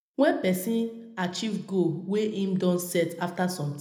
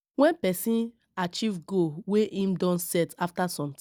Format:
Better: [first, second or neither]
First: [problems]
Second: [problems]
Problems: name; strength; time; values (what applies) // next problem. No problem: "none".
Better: second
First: room echo; dies away in 0.7 s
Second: none